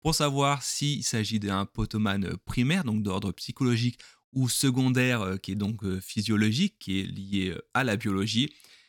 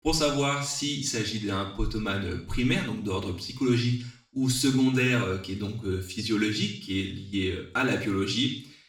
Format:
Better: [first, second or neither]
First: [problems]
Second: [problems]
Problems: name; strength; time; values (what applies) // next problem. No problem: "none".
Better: first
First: none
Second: room echo; noticeable; dies away in 0.5 s // off-mic speech; far